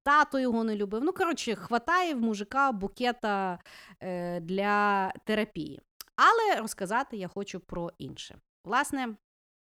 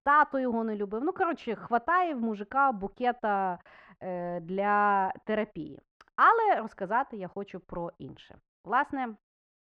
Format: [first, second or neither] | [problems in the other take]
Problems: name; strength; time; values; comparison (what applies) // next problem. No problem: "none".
first | muffled; very; fading above 2 kHz